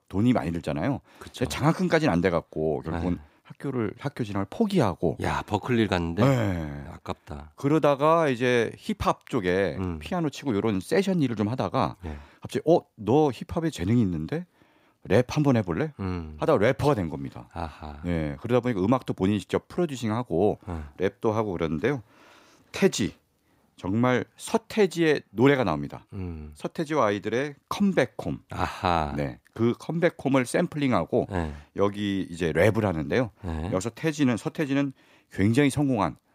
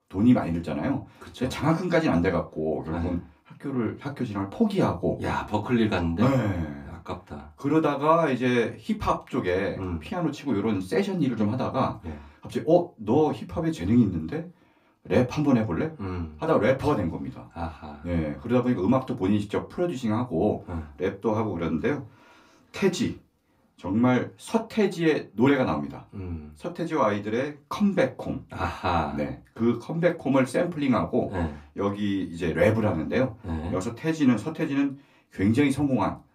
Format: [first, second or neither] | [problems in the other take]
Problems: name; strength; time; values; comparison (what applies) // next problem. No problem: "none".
first | off-mic speech; far // room echo; very slight; dies away in 0.2 s